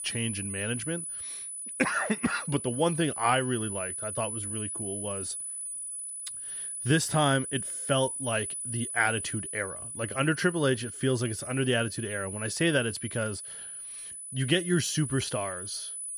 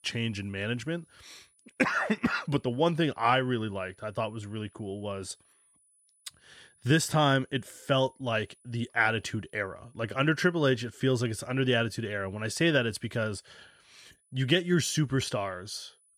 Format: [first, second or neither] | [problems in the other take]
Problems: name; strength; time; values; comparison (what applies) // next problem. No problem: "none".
second | high-pitched whine; loud; throughout; 10 kHz, 5 dB below the speech; faint in the second